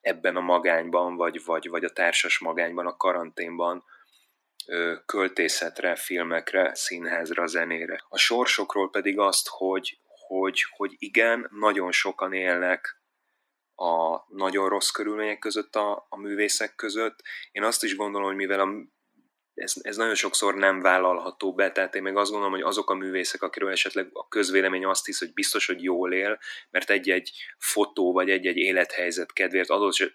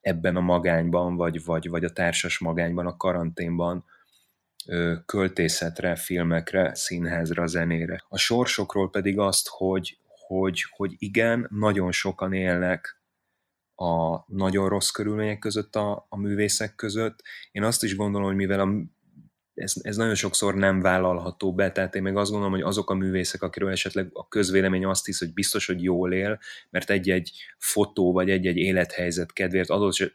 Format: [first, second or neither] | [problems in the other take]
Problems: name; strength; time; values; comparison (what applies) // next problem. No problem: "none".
second | thin; somewhat; fading below 300 Hz